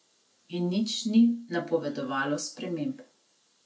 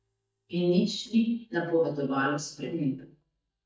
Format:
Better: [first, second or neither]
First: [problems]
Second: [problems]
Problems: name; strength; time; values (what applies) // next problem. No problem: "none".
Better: first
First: none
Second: noise reduction (neural mask model DeepFilterNet 3)